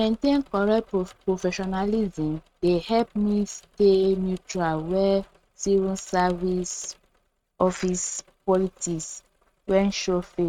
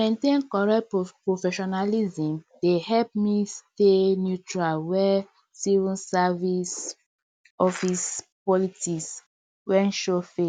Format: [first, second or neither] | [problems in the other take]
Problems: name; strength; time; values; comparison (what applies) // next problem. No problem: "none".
second | noise reduction (neural mask model RNNoise)